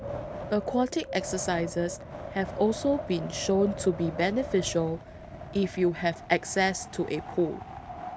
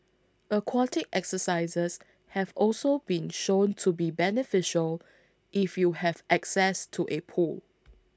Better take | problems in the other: second | background sound (Wind); 10 dB below the speech

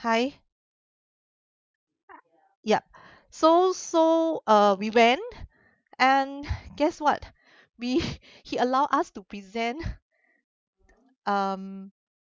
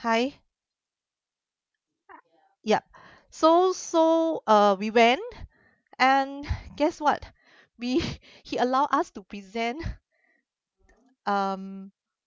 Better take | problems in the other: second | noise reduction (neural mask model Resemble Enhance denoiser)

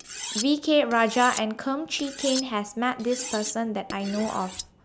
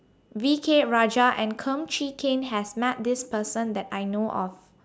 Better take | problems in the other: second | background sound (Cutlery, silverware); 11 dB below the speech

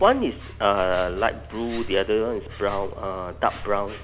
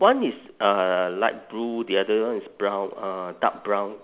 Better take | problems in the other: second | background sound (Insect); 11 dB below the speech

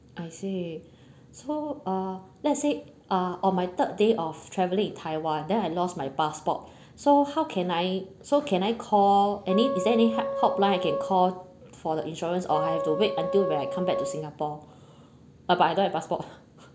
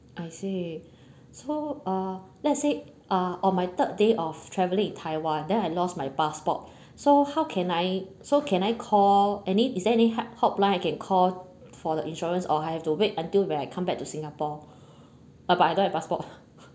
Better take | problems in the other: second | background sound (Wind instrument, woodwind instrument); 5 dB below the speech

